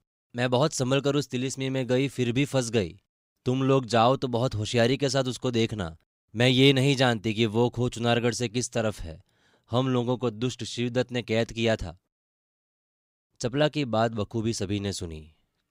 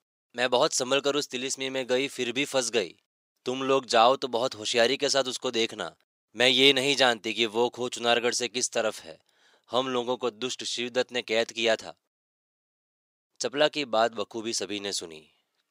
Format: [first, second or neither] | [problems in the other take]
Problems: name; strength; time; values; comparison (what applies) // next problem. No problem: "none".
first | thin; somewhat; fading below 450 Hz